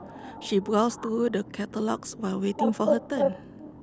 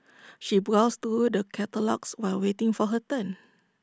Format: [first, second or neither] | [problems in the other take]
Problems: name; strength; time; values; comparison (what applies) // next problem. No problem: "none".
second | background sound (Bird); 4 dB below the speech